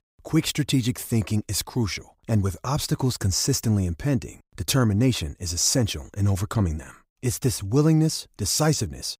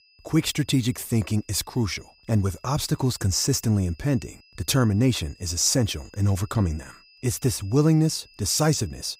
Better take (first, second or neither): first